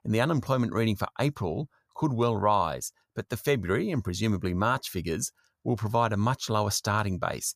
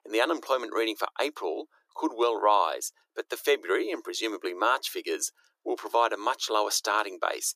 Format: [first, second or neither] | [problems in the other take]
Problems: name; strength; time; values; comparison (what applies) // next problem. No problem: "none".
first | thin; very; fading below 300 Hz